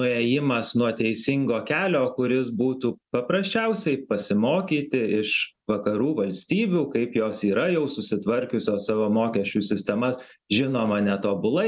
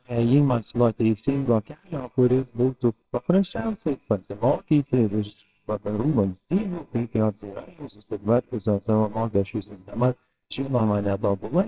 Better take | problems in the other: first | noise reduction (neural separator model SepFormer WHAMR!)

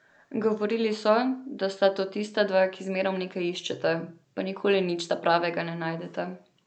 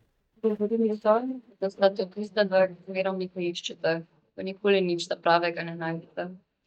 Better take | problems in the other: first | noise reduction (neural mask model DeepFilterNet 3)

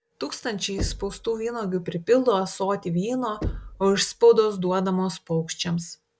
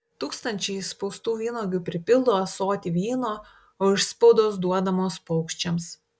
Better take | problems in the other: second | background sound (Knock); 13 dB below the speech

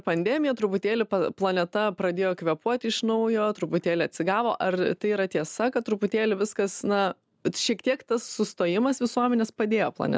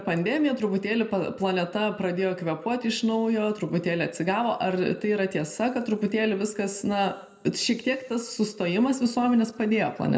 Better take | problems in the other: first | room echo; dies away in 0.9 s

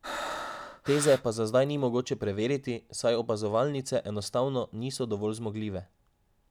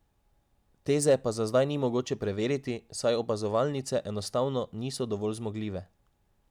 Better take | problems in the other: second | background sound (Breathing); 9 dB below the speech

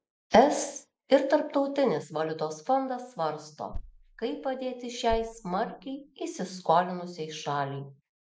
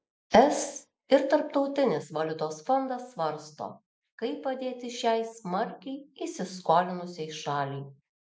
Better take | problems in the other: second | background sound (Thump, thud); 13 dB below the speech

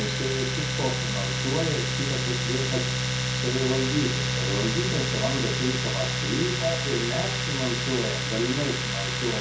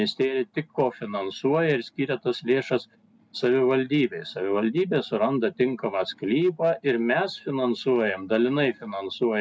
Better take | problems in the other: second | background sound (Domestic sounds, home sounds); 3 dB above the speech // room echo; dies away in 0.6 s

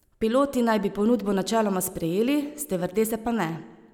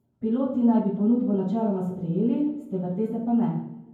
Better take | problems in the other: first | room echo; dies away in 0.9 s

